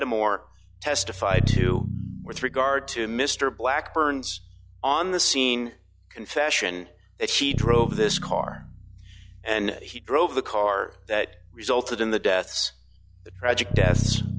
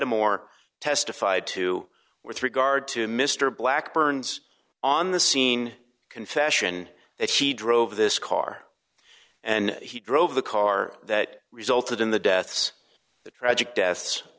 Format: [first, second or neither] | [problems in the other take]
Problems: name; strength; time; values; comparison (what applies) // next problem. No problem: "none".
second | noise reduction (classical method log-MMSE)